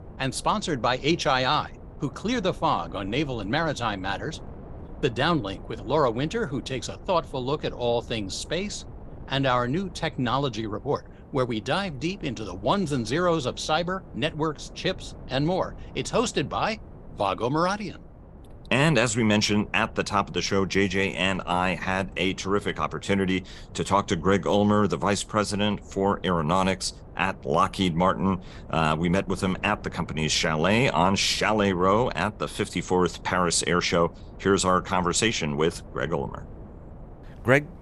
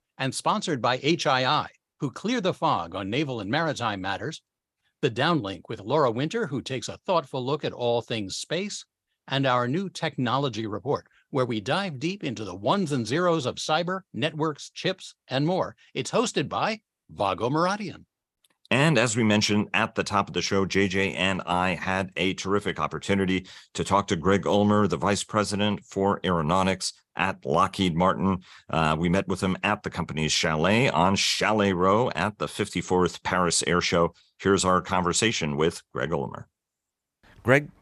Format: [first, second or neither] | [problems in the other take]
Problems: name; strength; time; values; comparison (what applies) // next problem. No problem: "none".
second | wind noise on the microphone; occasional gusts; 25 dB below the speech